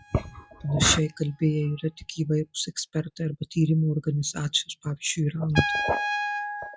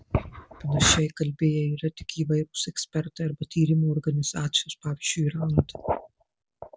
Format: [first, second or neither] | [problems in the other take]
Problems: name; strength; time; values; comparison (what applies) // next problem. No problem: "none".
second | noise reduction (classical method log-MMSE)